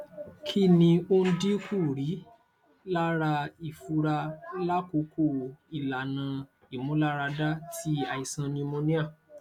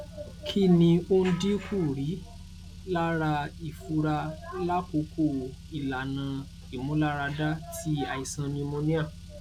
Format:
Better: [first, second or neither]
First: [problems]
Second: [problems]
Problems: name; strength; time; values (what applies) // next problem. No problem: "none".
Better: first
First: none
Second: background sound (Car); 15 dB below the speech